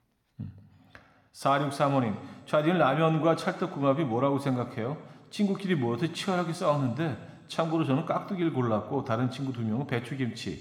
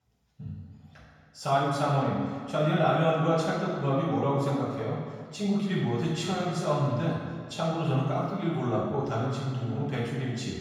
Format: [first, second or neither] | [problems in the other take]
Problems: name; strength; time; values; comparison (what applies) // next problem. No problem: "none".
first | room echo; strong; dies away in 1.7 s; slight in the first // off-mic speech; far